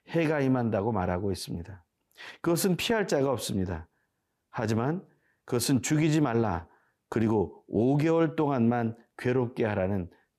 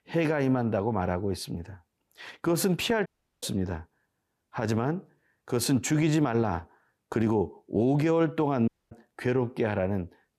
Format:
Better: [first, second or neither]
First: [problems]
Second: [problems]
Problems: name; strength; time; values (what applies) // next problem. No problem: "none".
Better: first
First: none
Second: audio cutting out; at 3 s and at 8.5 s